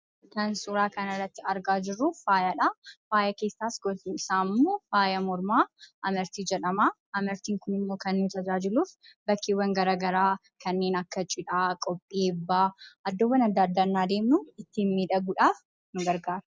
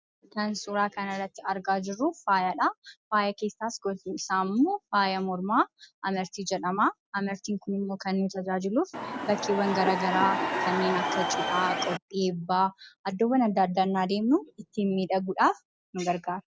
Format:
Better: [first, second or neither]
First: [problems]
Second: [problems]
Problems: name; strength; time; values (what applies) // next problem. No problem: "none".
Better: first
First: none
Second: background sound (Crowd / Cheering); 1 dB below the speech